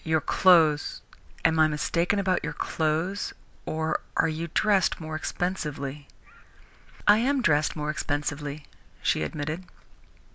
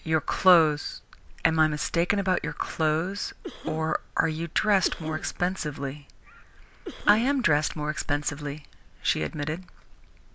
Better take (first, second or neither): first